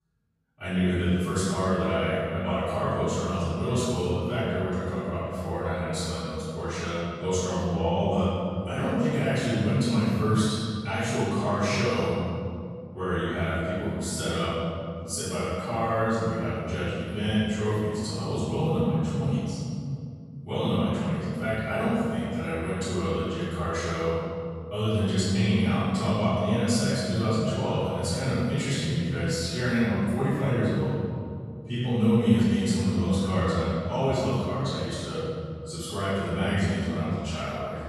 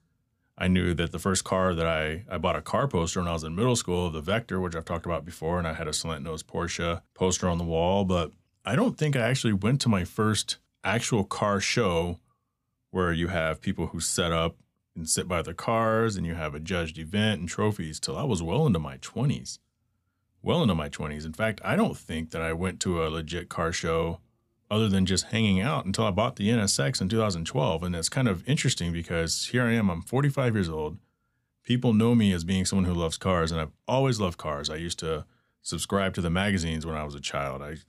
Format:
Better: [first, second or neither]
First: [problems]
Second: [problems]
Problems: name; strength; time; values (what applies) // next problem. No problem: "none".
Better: second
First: off-mic speech; far // room echo; strong; dies away in 2.4 s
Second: none